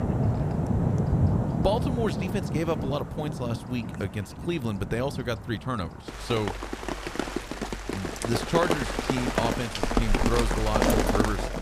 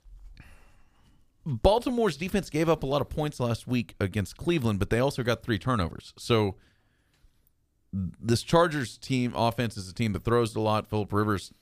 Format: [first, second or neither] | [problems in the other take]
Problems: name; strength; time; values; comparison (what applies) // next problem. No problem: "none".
second | rain or running water; very loud; throughout; 2 dB above the speech